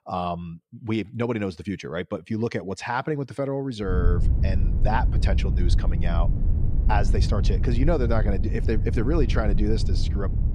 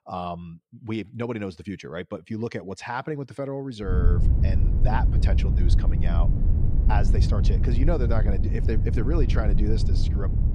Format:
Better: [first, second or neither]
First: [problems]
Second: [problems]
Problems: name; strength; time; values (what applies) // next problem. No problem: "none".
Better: first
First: wind noise on the microphone; occasional gusts; from 4 s on; 10 dB below the speech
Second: wind noise on the microphone; heavy; from 4 s on; 5 dB below the speech